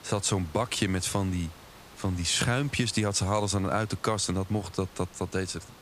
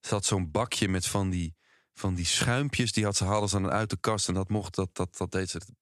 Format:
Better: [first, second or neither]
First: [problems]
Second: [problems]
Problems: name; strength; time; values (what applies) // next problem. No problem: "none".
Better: second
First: hiss; faint; throughout; 20 dB below the speech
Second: none